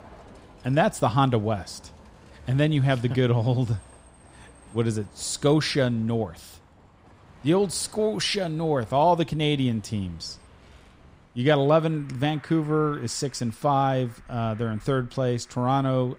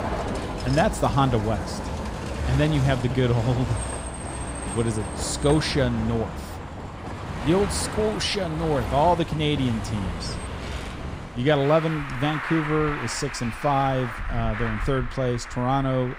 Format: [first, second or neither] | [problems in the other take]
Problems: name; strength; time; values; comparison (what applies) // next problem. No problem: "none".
first | traffic noise; loud; throughout; 7 dB below the speech; faint in the first